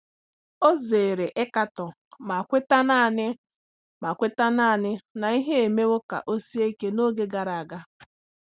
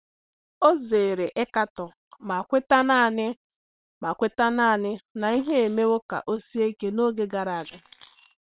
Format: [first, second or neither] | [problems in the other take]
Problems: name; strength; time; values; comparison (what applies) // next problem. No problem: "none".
first | noise reduction (neural separator model SepFormer WHAM!)